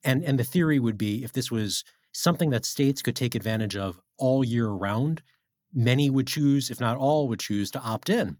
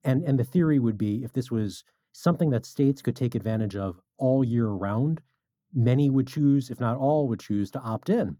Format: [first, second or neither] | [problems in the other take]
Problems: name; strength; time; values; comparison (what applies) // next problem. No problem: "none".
first | muffled; slightly; fading above 1 kHz